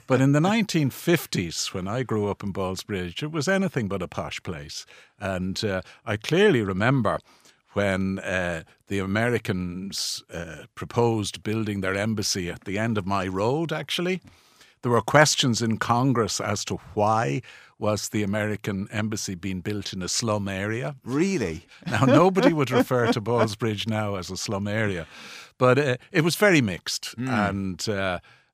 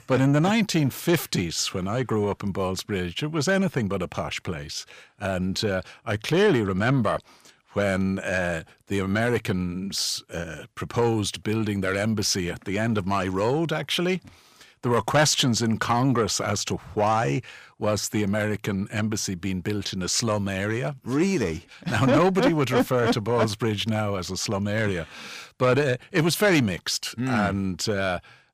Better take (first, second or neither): first